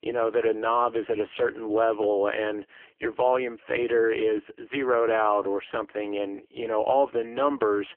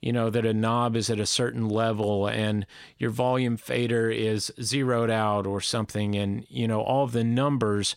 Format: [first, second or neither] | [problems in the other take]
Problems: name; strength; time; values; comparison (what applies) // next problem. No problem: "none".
second | phone-call audio; poor line; nothing above 3 kHz